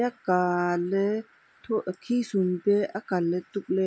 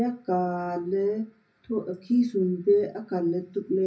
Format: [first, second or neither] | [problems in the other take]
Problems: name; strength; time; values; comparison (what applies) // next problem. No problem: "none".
first | room echo; dies away in 0.4 s